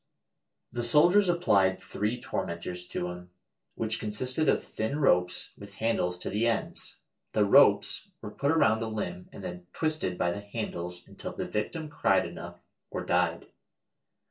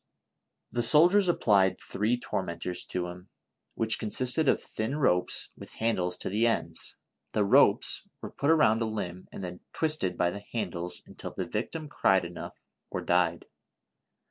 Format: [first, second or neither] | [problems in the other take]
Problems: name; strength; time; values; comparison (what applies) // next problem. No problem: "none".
second | room echo; dies away in 0.2 s